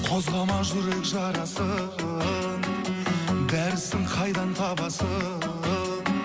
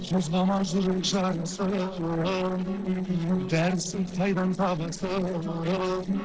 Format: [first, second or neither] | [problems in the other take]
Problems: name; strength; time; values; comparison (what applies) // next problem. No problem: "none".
first | noise reduction (neural separator model SepFormer DNS4)